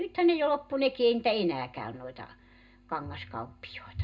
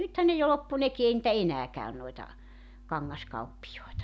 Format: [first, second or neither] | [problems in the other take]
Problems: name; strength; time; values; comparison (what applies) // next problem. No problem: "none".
second | room echo; dies away in 0.2 s